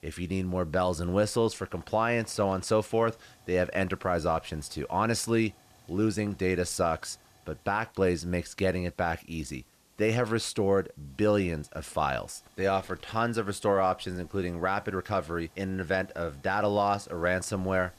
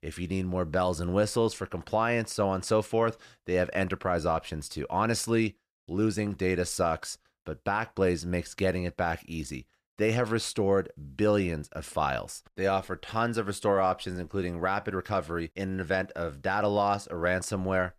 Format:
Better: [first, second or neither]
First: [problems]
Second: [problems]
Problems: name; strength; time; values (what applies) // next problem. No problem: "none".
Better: second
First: hiss; faint; throughout; 30 dB below the speech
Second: none